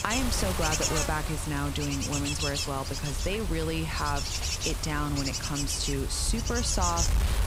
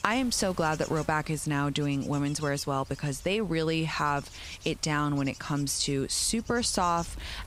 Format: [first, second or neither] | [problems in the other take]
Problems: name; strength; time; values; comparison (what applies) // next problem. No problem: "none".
second | wind noise on the microphone; heavy; as loud as the speech; occasional gusts in the second